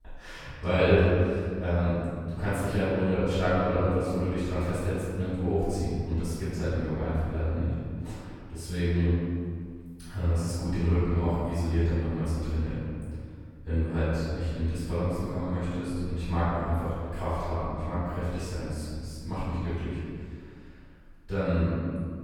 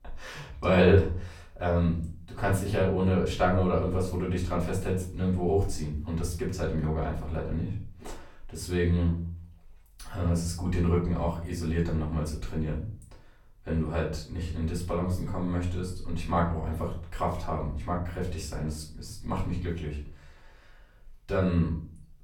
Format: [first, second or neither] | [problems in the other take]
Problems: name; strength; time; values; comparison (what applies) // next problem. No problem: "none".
second | room echo; strong; dies away in 2 s; slight in the second // off-mic speech; far; far in the second